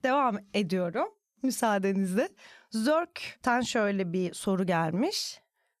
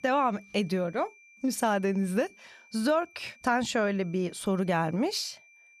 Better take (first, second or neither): first